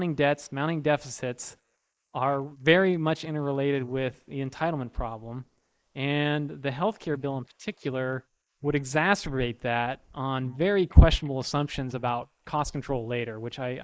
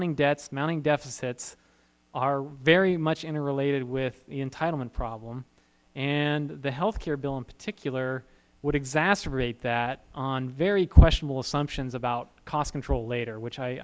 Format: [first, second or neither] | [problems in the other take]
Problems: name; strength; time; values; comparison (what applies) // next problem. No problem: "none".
second | noise reduction (neural mask model Resemble Enhance denoiser)